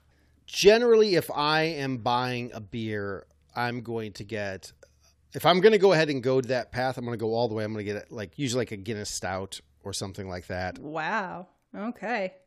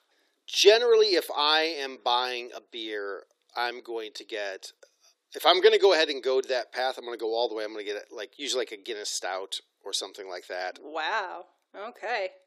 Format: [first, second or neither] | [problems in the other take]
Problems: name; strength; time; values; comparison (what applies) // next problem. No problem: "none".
first | thin; very; fading below 350 Hz